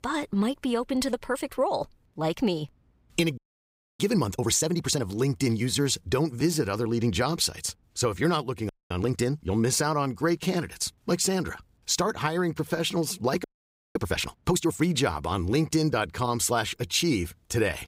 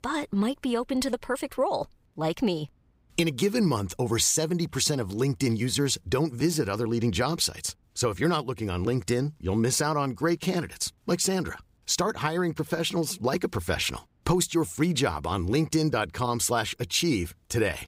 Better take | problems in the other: second | audio freezing; at 3.5 s for 0.5 s, at 8.5 s and at 13 s for 0.5 s

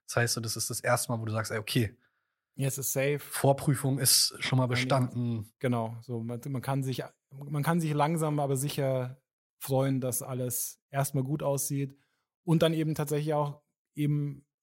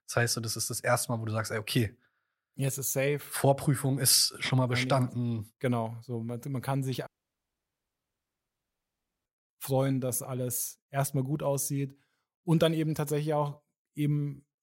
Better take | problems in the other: first | audio cutting out; at 7 s for 2 s

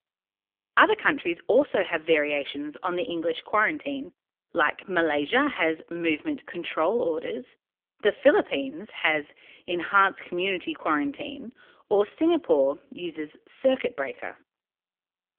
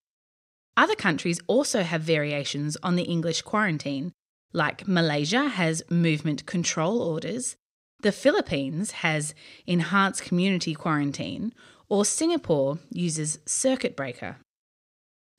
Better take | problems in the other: second | phone-call audio; poor line

